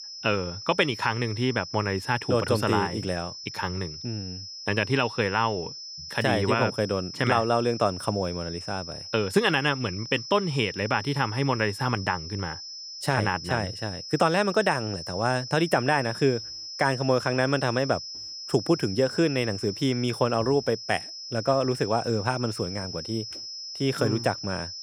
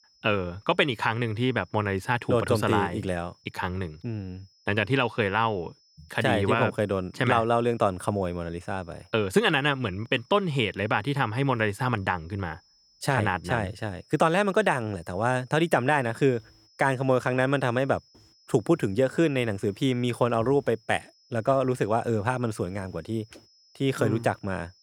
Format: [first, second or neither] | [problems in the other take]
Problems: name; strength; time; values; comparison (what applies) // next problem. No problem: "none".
second | high-pitched whine; loud; throughout; 5 kHz, 10 dB below the speech; faint in the second